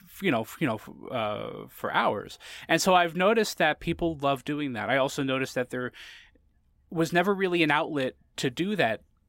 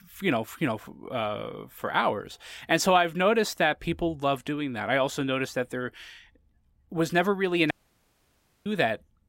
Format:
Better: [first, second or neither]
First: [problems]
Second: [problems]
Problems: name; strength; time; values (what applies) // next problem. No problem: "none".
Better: first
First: none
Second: audio cutting out; at 7.5 s for 1 s